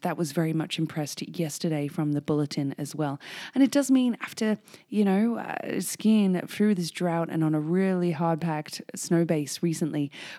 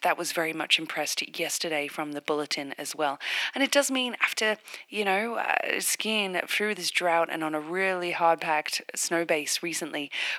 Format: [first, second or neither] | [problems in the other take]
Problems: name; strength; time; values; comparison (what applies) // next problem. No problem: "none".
first | thin; very; fading below 700 Hz